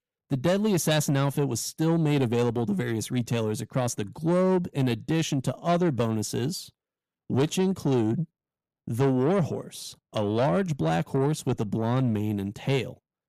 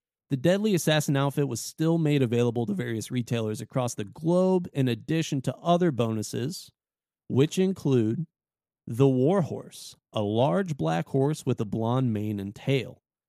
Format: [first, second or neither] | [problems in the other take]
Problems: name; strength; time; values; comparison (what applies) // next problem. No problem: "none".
second | distortion; slight; 10 dB below the speech